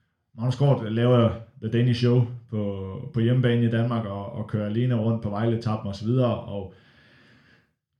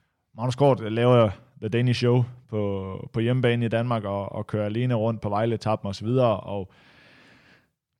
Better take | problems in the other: second | room echo; very slight; dies away in 0.3 s

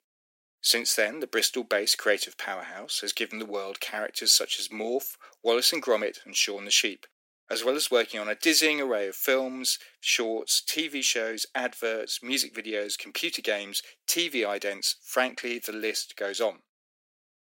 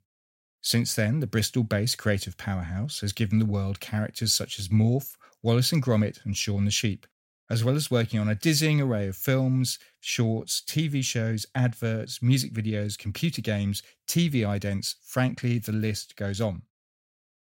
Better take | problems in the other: second | thin; very; fading below 300 Hz

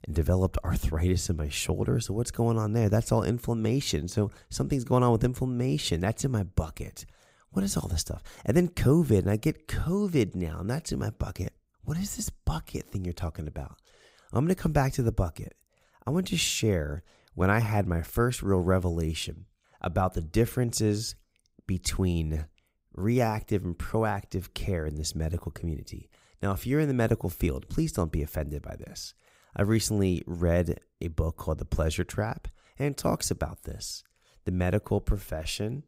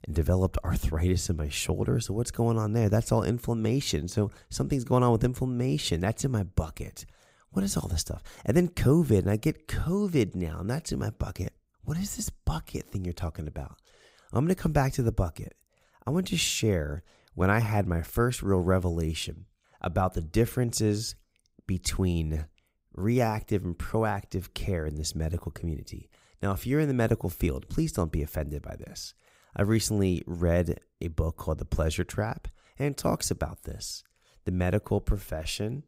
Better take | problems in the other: neither | none

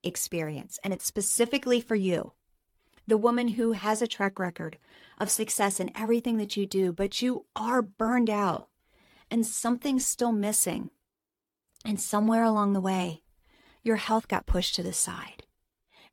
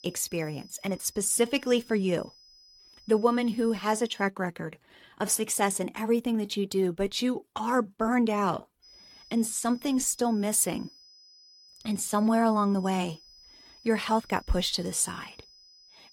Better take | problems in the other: first | high-pitched whine; faint; until 4.5 s and from 9 s on; 5 kHz, 25 dB below the speech

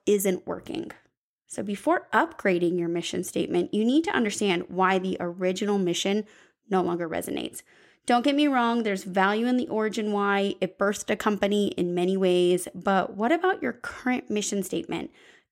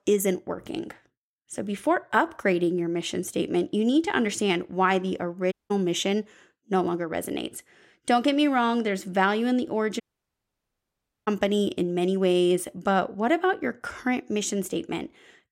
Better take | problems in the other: first | audio cutting out; at 5.5 s and at 10 s for 1.5 s

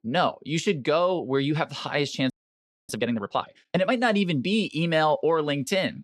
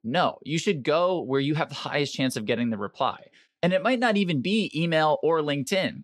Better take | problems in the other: second | audio freezing; at 2.5 s for 0.5 s

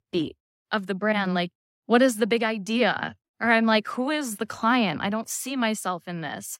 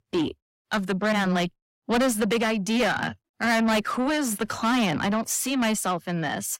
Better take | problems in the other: first | distortion; heavy; 7 dB below the speech

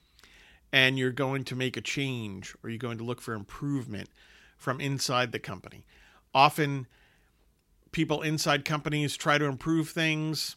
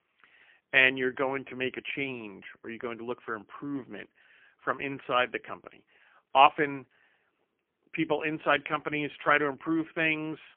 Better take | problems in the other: first | phone-call audio; poor line; nothing above 3 kHz

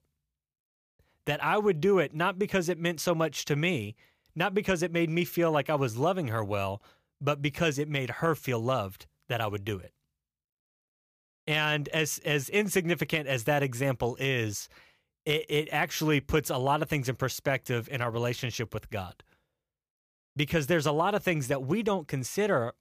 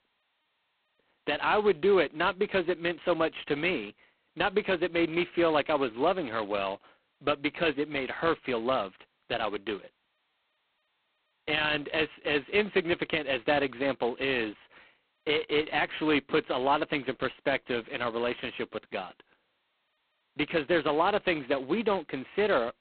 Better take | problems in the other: first | phone-call audio; poor line; nothing above 4 kHz

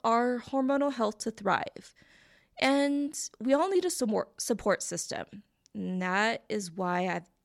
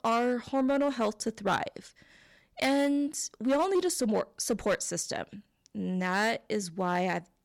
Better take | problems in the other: first | distortion; slight; 5% of the sound clipped

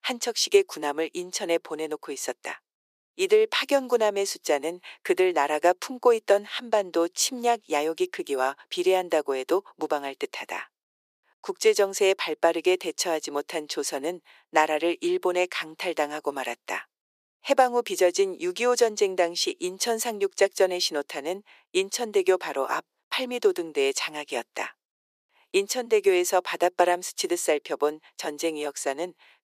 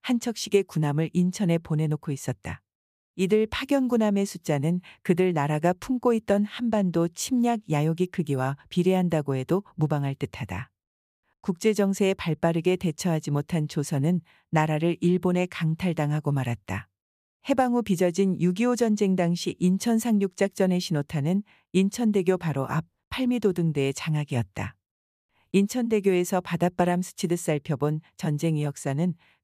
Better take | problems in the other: second | thin; very; fading below 350 Hz

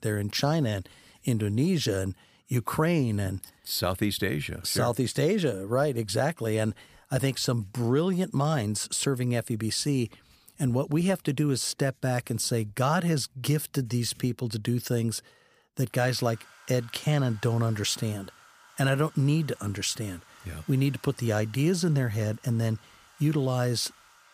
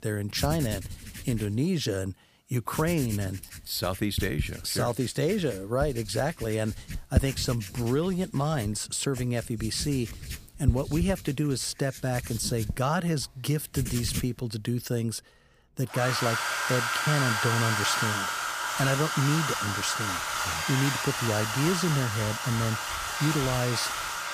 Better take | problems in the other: first | household noises; loud; throughout; 2 dB below the speech; faint in the first

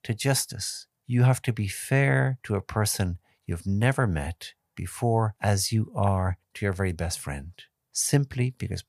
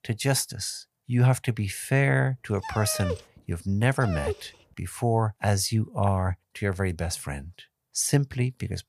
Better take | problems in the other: first | dog barking; noticeable; from 2.5 to 4.5 s; peak 7 dB below the speech

